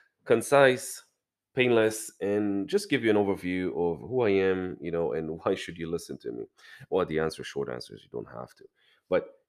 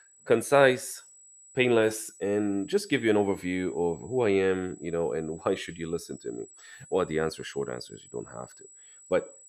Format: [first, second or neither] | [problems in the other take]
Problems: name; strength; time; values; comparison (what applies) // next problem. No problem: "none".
first | high-pitched whine; faint; throughout; 8 kHz, 25 dB below the speech